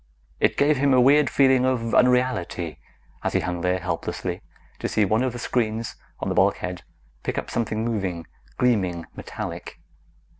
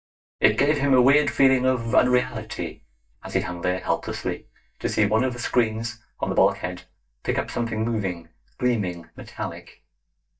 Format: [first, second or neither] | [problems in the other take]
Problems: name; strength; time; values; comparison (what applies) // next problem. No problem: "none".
first | noise reduction (neural mask model DeepFilterNet 3)